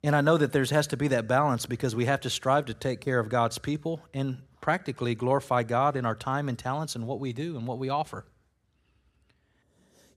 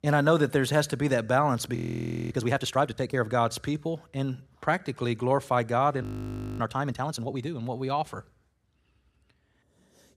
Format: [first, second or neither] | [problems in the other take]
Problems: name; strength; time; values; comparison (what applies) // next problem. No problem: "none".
first | audio freezing; at 2 s for 0.5 s and at 6 s for 0.5 s